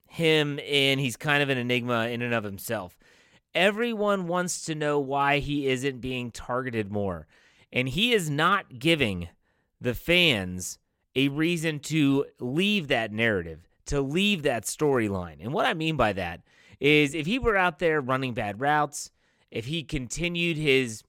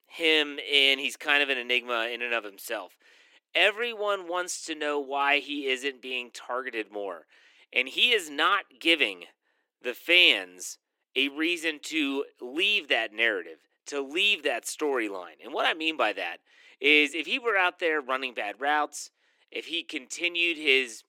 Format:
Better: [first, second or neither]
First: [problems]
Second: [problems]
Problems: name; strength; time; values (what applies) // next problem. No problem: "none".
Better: first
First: none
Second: thin; somewhat; fading below 300 Hz